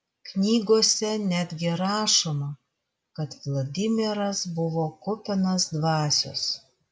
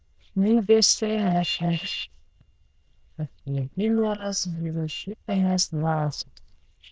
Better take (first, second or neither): first